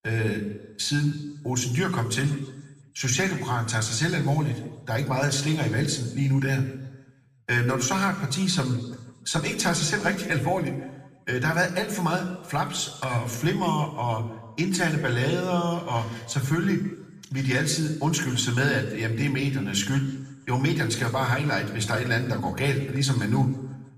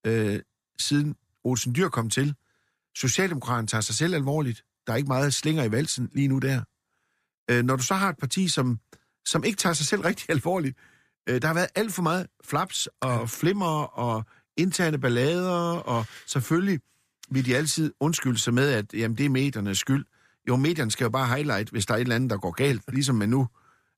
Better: second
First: room echo; slight; dies away in 1 s // off-mic speech; somewhat distant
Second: none

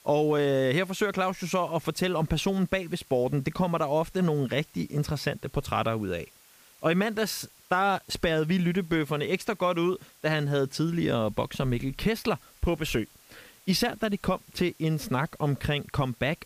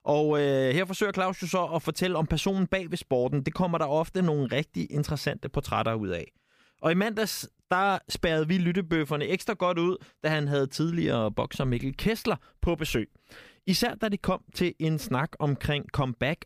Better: second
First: hiss; faint; throughout; 25 dB below the speech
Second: none

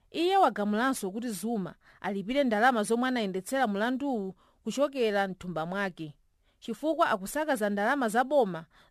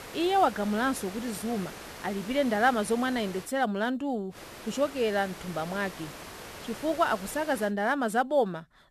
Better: first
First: none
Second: hiss; noticeable; until 3.5 s and from 4.5 to 7.5 s; 15 dB below the speech

